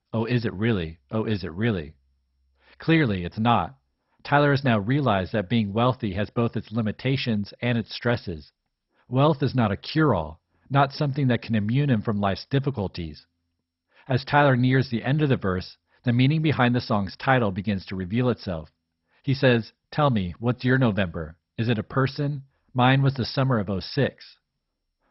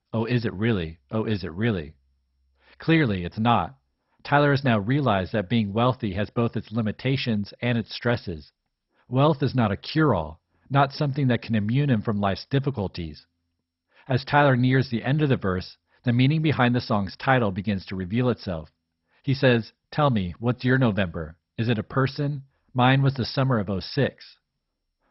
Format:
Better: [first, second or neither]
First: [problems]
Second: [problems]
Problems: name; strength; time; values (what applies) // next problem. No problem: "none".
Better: neither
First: garbled, watery; badly; nothing above 5.5 kHz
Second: garbled, watery; badly; nothing above 5.5 kHz